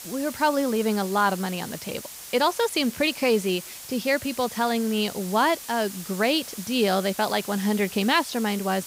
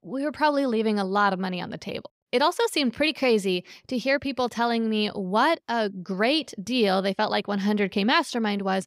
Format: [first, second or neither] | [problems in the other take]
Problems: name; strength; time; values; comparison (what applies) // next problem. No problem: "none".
second | hiss; noticeable; throughout; 10 dB below the speech